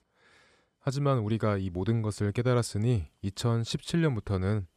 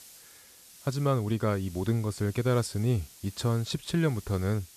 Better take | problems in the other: first | hiss; noticeable; throughout; 20 dB below the speech

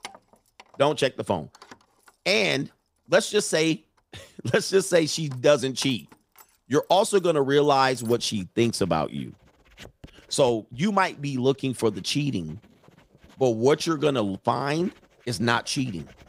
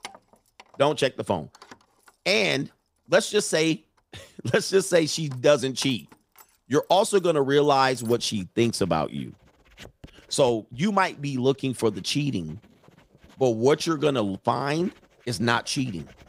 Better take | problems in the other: neither | household noises; faint; throughout; 25 dB below the speech; the same in both

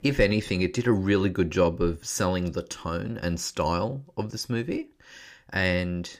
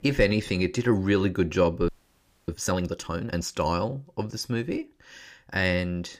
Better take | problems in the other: first | audio freezing; at 2 s for 0.5 s

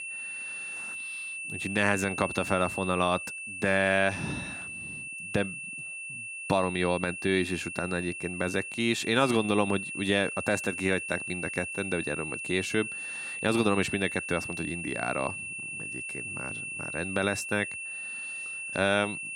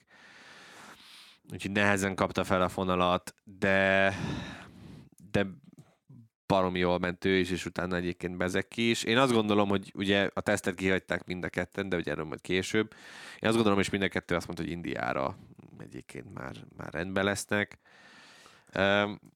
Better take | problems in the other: second | high-pitched whine; loud; throughout; 2.5 kHz, 6 dB below the speech

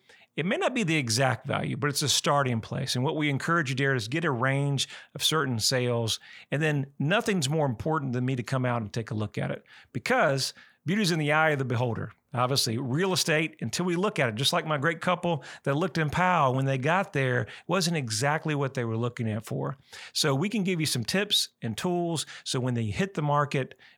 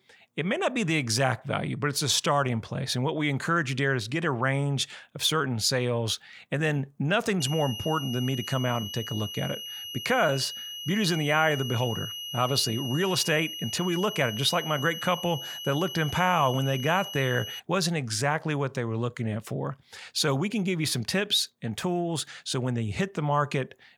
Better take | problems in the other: first | high-pitched whine; loud; from 7.5 to 18 s; 3 kHz, 8 dB below the speech

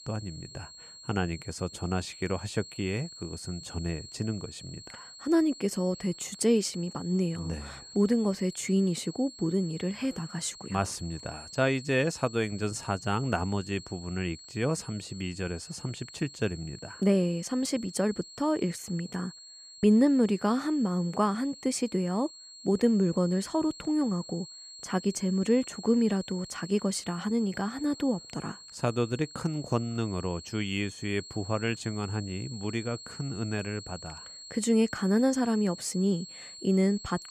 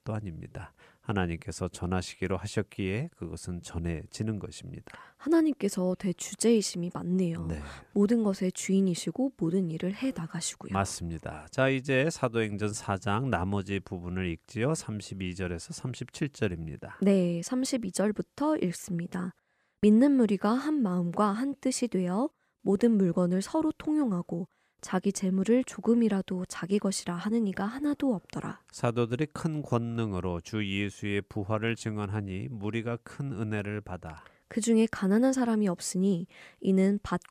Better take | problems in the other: second | high-pitched whine; noticeable; throughout; 4.5 kHz, 15 dB below the speech

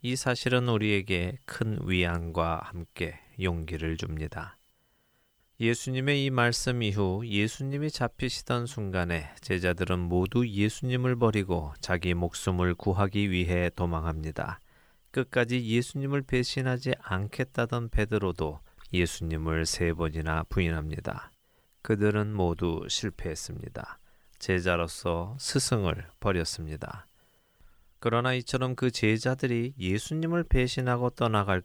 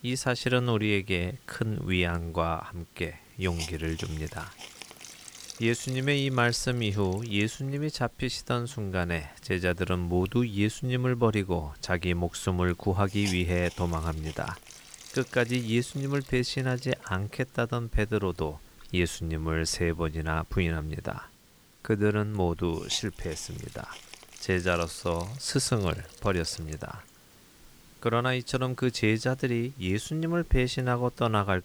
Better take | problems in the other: first | hiss; noticeable; throughout; 20 dB below the speech

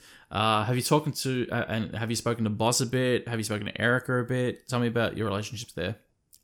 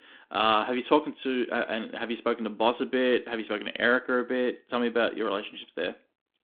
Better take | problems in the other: first | phone-call audio; nothing above 3.5 kHz

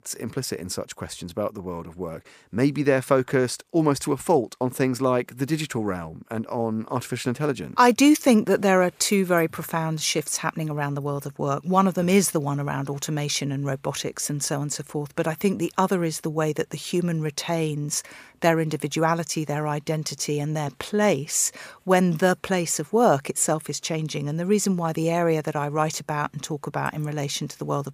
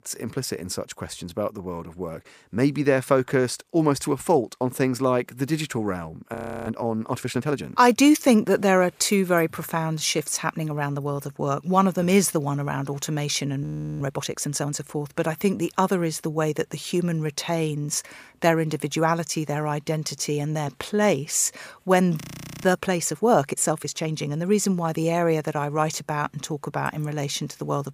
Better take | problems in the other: first | audio freezing; at 6.5 s, at 14 s and at 22 s

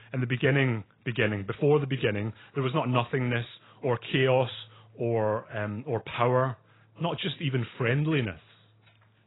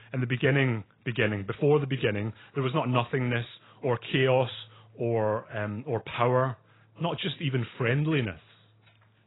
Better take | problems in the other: neither | garbled, watery; badly; nothing above 4 kHz; the same in both

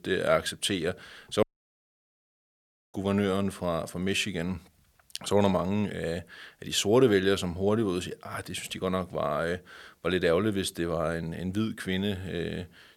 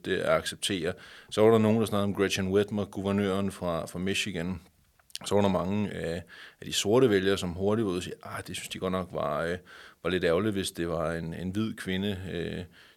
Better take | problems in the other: second | audio cutting out; at 1.5 s for 1.5 s

